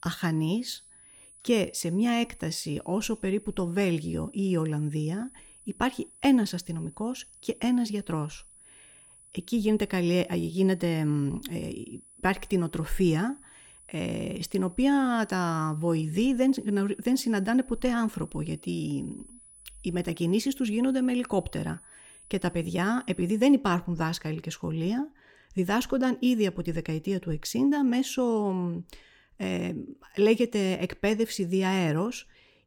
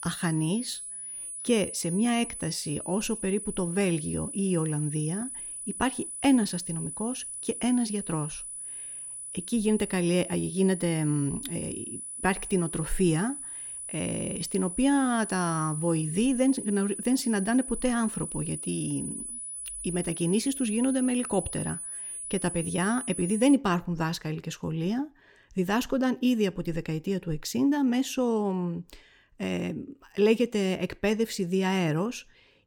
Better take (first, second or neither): first